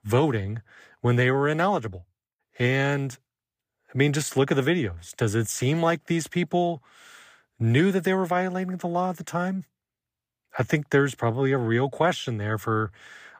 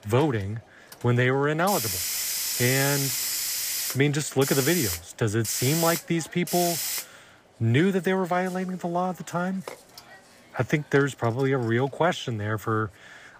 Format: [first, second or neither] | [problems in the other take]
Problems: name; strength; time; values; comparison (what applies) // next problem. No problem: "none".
first | hiss; loud; throughout; 2 dB below the speech